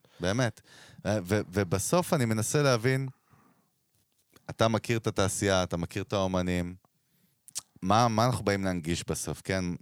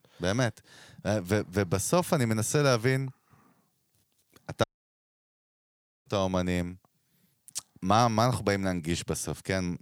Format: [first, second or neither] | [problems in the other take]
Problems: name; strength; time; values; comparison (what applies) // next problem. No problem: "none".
first | audio cutting out; at 4.5 s for 1.5 s